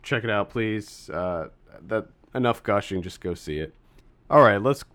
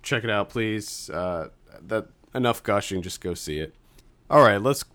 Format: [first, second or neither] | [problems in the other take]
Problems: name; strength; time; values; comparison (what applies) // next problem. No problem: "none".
second | muffled; slightly; fading above 3.5 kHz